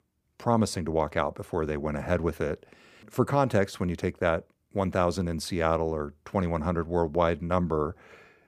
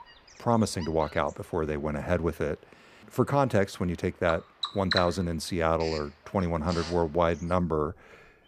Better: first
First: none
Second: animal sounds; loud; throughout; 8 dB below the speech

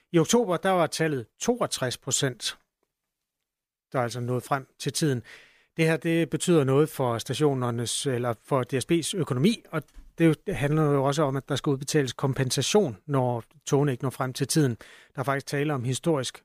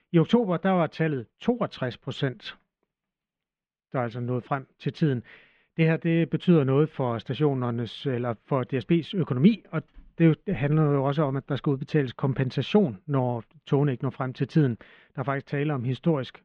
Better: first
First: none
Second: muffled; very; fading above 3 kHz

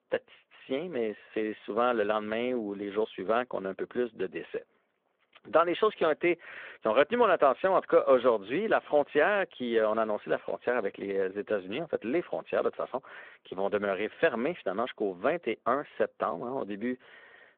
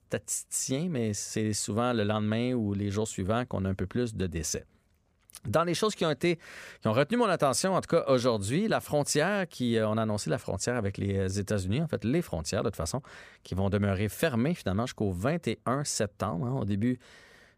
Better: second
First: phone-call audio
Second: none

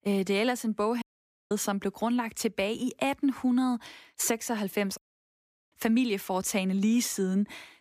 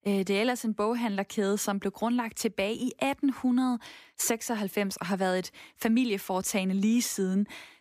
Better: second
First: audio cutting out; at 1 s and at 5 s for 0.5 s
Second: none

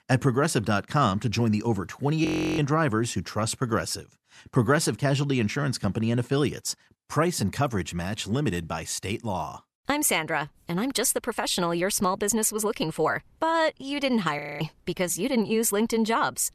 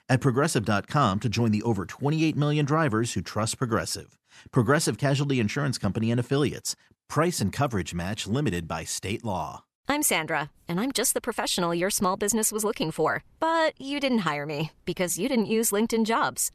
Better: second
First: audio freezing; at 2.5 s and at 14 s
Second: none

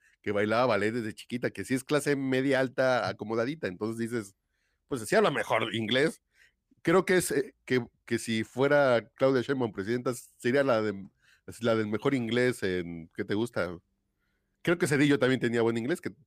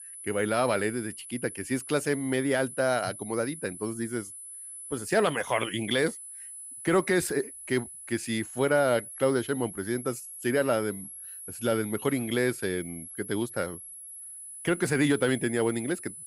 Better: first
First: none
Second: high-pitched whine; noticeable; throughout; 10 kHz, 10 dB below the speech

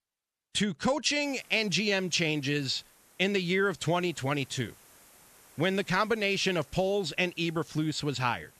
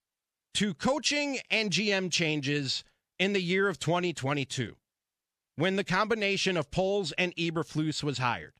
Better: second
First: hiss; faint; from 1 s on; 25 dB below the speech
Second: none

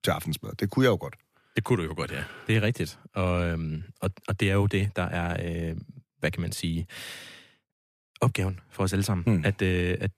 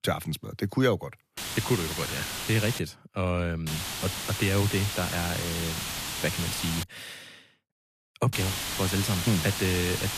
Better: first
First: none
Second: hiss; loud; from 1.5 to 3 s, from 3.5 to 7 s and from 8.5 s on; 2 dB below the speech

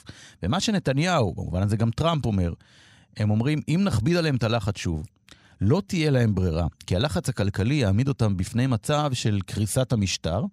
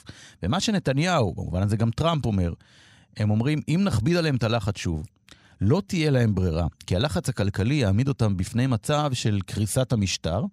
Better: neither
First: none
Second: none

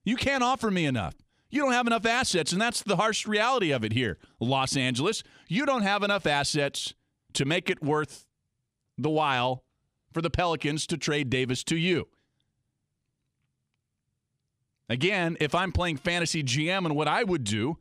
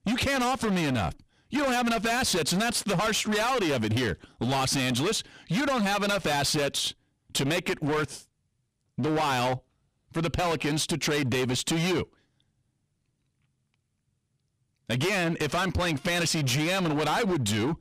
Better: first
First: none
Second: distortion; heavy; 25% of the sound clipped

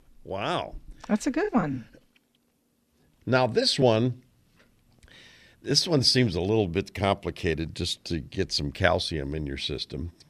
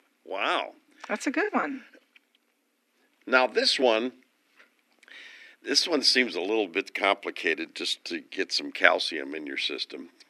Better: first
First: none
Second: thin; somewhat; fading below 250 Hz

